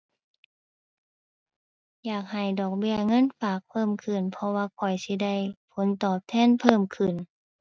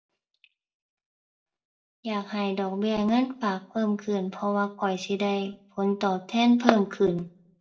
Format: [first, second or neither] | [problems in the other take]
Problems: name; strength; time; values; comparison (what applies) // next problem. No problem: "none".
first | room echo; dies away in 0.3 s